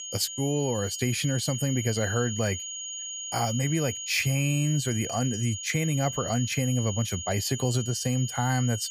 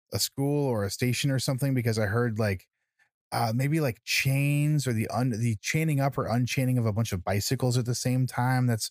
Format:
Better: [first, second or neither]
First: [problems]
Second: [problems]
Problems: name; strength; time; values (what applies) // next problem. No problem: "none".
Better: second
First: high-pitched whine; loud; throughout; 6.5 kHz, 6 dB below the speech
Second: none